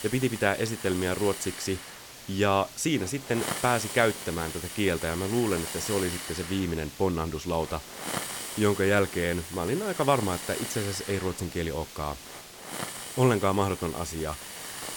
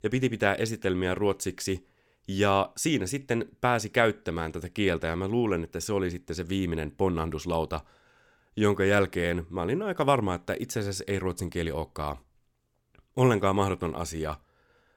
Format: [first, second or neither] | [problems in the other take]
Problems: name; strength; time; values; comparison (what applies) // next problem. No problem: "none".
second | hiss; loud; throughout; 8 dB below the speech